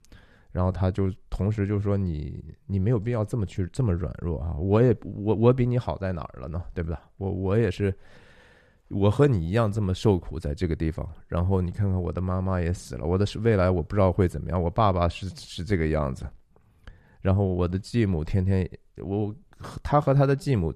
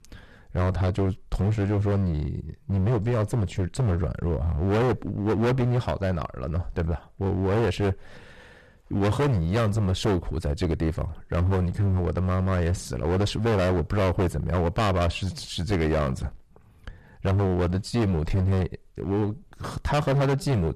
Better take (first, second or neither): first